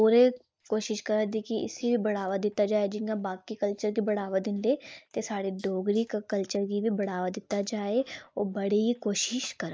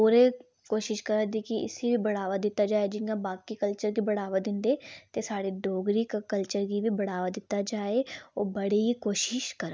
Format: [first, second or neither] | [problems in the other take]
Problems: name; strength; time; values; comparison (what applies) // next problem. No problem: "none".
second | noise reduction (neural mask model Resemble Enhance denoiser)